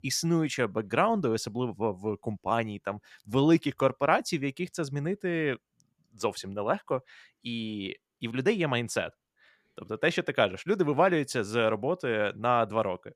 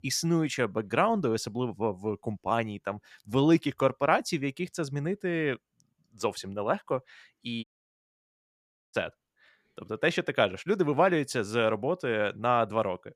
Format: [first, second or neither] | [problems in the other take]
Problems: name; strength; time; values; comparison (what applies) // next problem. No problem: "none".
first | audio cutting out; at 7.5 s for 1.5 s